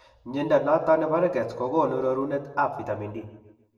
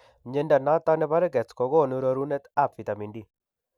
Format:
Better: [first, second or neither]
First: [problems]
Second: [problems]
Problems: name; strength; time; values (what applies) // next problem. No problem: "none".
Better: second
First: room echo; dies away in 0.9 s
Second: none